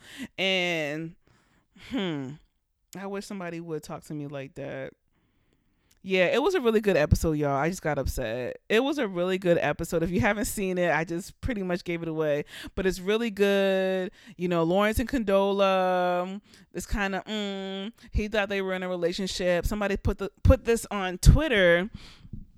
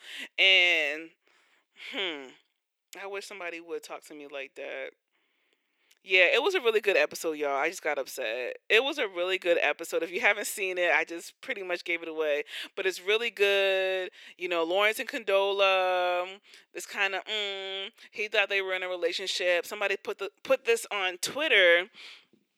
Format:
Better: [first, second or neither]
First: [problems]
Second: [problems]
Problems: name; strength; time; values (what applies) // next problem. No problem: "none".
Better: first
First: none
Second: thin; very; fading below 400 Hz